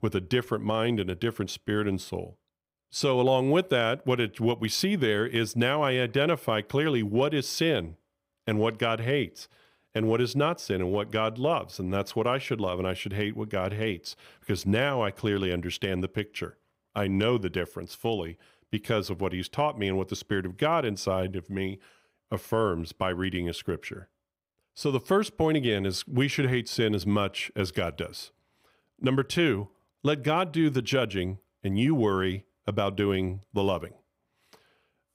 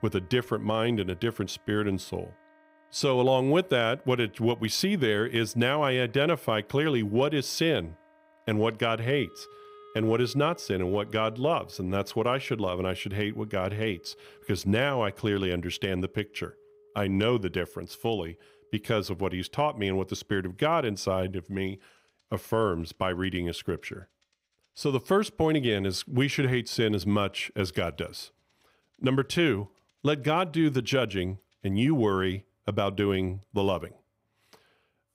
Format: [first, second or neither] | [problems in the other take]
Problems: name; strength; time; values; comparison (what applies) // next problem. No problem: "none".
first | background music; faint; throughout; 30 dB below the speech